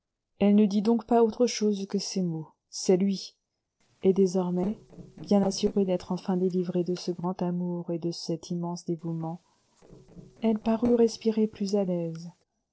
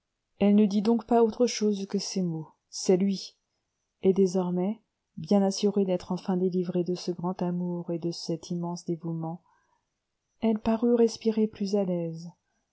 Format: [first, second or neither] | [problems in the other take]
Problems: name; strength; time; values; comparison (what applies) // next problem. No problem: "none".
second | noise reduction (neural separator model SepFormer DNS4)